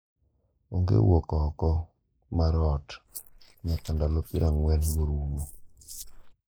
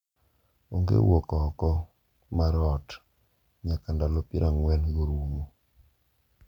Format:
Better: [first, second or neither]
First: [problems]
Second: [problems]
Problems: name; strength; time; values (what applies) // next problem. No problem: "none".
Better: second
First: noise reduction (neural mask model Resemble Enhance denoiser)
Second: none